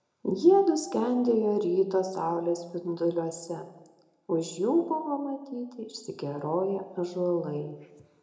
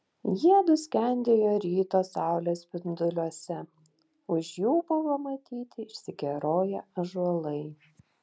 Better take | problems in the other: second | room echo; dies away in 0.6 s

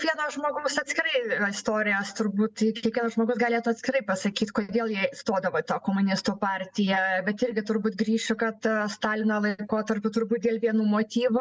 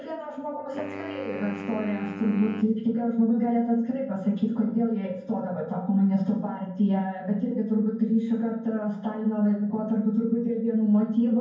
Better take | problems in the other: first | background sound (Wind instrument, woodwind instrument); 14 dB below the speech // room echo; dies away in 0.9 s

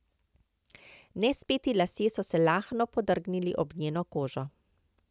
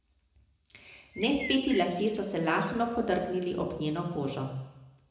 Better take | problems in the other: first | background sound (Bird); 13 dB below the speech // room echo; dies away in 0.9 s

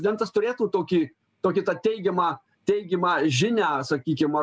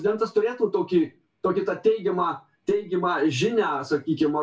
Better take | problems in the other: first | room echo; dies away in 0.2 s

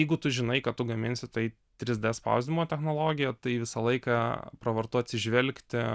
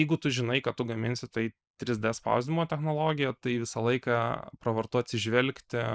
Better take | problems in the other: first | noise reduction (neural mask model Resemble Enhance denoiser)

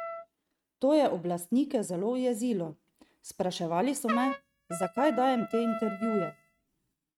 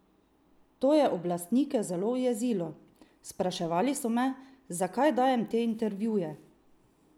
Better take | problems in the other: second | noise reduction (neural mask model RNNoise)

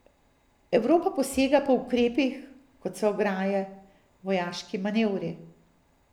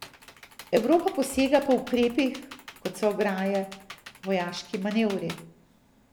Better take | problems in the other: first | background sound (Computer keyboard); 18 dB below the speech

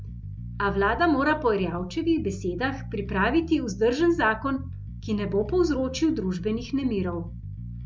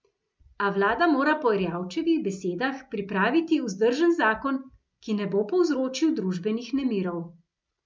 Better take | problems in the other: second | background sound (Bass guitar); 11 dB below the speech

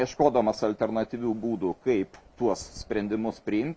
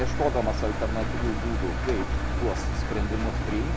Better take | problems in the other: first | background sound (Engine); 3 dB above the speech

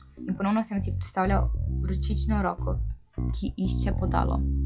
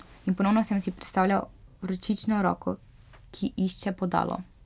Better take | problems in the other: second | noise reduction (classical method log-MMSE)

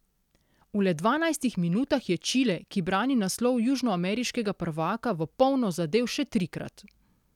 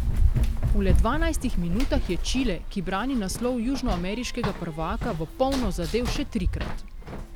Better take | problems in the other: first | background sound (Run); 3 dB above the speech

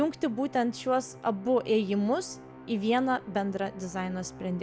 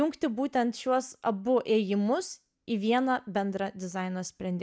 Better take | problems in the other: second | background sound (Musical instrument); 18 dB below the speech

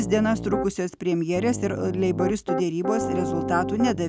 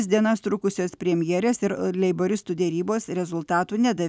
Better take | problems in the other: second | background sound (Piano); 5 dB below the speech

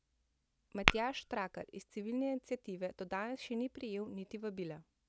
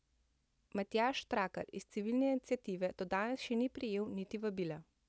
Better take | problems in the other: second | background sound (Tap / Glass); 4 dB above the speech

